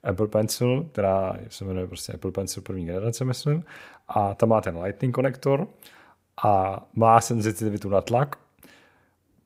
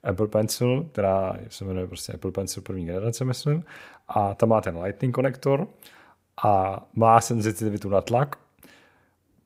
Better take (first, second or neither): neither